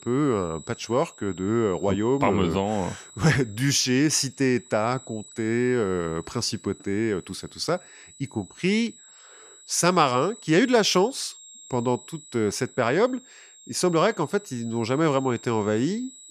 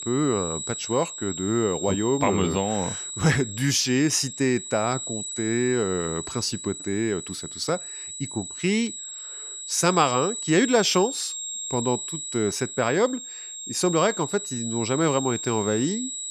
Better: first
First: high-pitched whine; faint; throughout; 7.5 kHz, 20 dB below the speech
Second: high-pitched whine; loud; throughout; 7.5 kHz, 7 dB below the speech

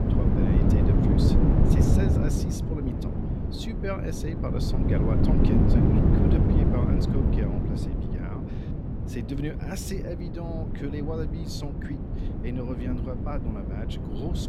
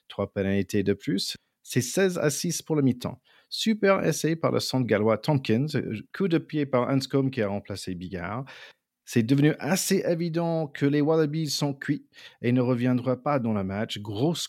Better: second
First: wind noise on the microphone; heavy; 4 dB above the speech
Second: none

